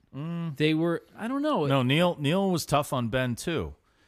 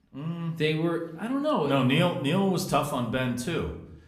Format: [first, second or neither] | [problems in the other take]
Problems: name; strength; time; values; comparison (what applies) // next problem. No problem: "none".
first | room echo; slight; dies away in 0.5 s